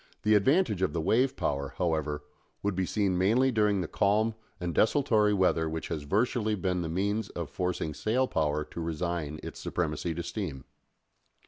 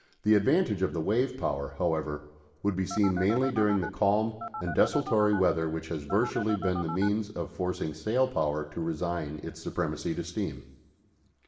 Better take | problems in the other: first | background sound (Telephone); 9 dB below the speech // room echo; dies away in 1.2 s

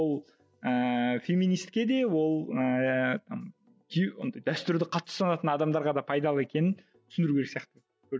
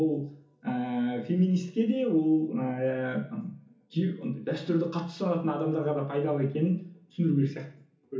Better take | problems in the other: first | room echo; dies away in 0.7 s

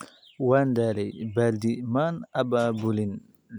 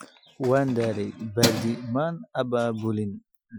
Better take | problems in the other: first | noise reduction (classical method Wiener filter)

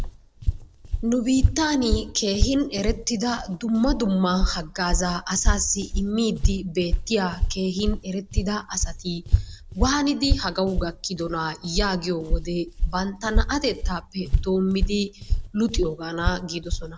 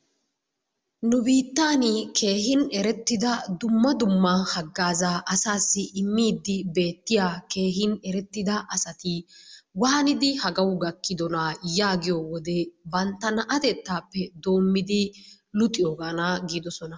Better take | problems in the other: second | background sound (Walk, footsteps); 1 dB below the speech

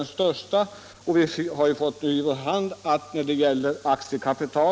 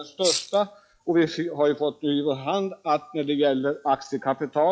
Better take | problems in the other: first | noise reduction (classical method log-MMSE)

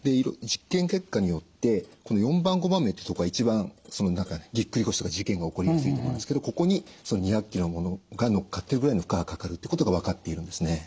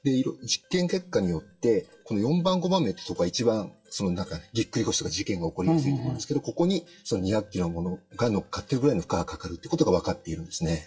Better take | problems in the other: first | noise reduction (classical method WPE with log-MMSE)

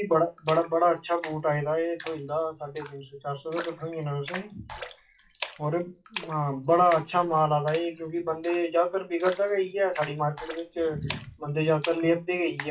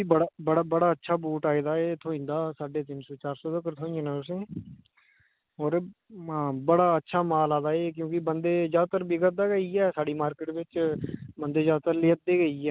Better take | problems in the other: second | noise reduction (classical method WPE with log-MMSE)

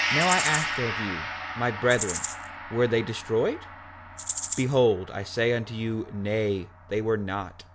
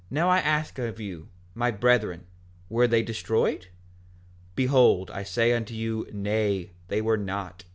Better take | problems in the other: second | background sound (Rattle (instrument) + Gong); 6 dB below the speech

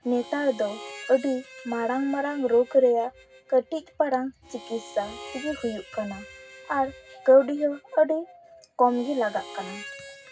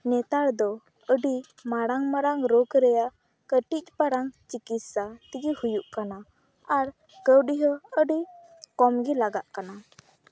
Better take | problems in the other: second | background sound (Harmonica); 18 dB below the speech // room echo; dies away in 0.4 s

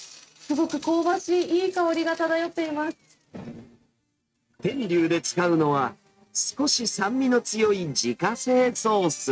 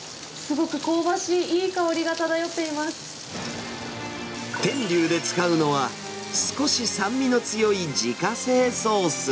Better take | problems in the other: second | noise reduction (neural mask model RNNoise)

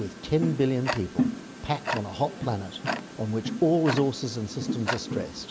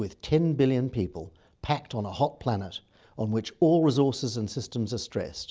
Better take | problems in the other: second | background sound (Tick-tock); 5 dB below the speech

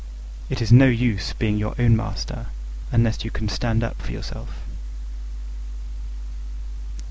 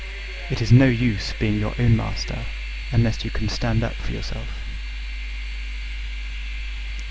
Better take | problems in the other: first | background sound (Train); 16 dB below the speech

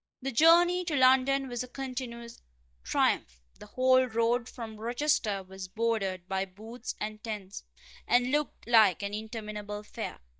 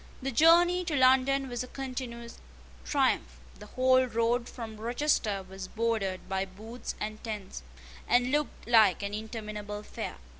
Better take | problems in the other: second | noise reduction (neural mask model DeepFilterNet 3)

